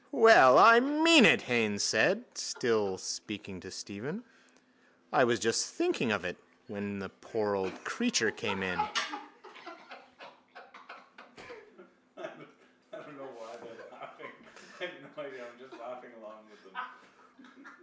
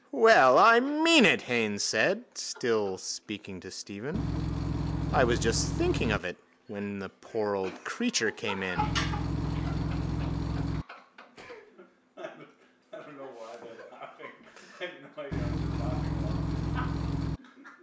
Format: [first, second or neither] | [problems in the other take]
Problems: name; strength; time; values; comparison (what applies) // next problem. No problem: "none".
first | background sound (Engine / Truck / Car); as loud as the speech